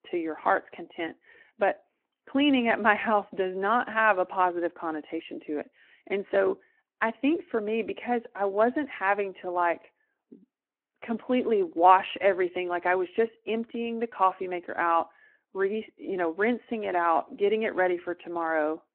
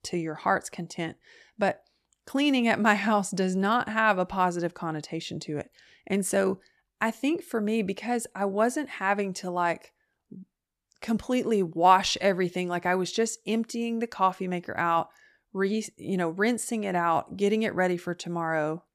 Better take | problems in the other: second | phone-call audio

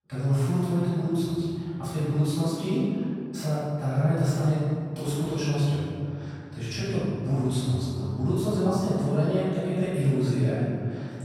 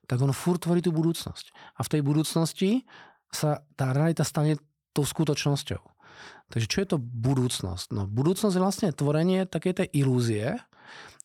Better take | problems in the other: second | off-mic speech; far // room echo; strong; dies away in 2.6 s

